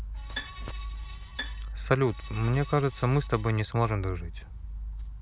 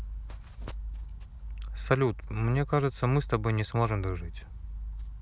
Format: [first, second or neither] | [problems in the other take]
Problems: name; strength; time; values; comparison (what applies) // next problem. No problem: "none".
second | background sound (Screech + Bowed string instrument); 16 dB below the speech